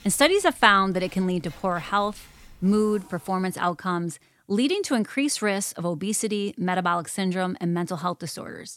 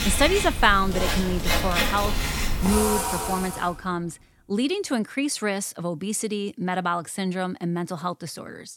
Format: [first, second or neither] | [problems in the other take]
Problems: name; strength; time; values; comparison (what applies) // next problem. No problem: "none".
first | household noises; loud; until 3.5 s; as loud as the speech; faint in the first